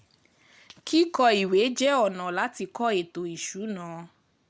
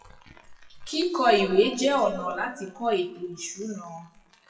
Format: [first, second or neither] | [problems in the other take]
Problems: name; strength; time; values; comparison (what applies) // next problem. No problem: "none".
first | noise reduction (classical method WPE with log-MMSE)